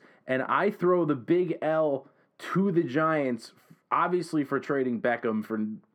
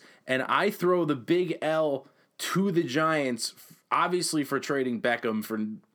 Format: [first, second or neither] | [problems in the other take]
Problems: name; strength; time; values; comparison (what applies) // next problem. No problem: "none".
second | muffled; slightly; fading above 3 kHz